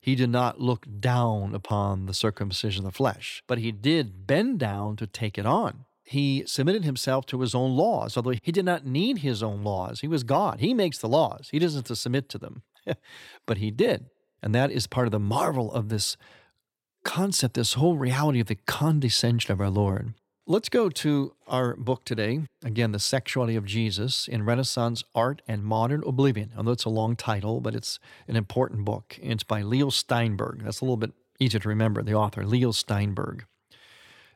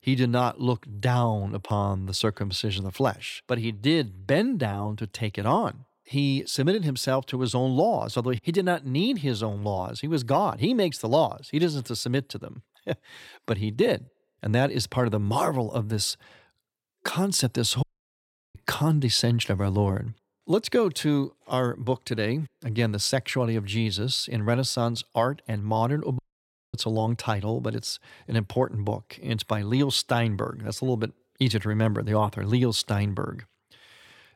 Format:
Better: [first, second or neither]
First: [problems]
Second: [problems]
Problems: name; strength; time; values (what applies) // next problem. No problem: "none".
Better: first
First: none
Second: audio cutting out; at 18 s for 0.5 s and at 26 s for 0.5 s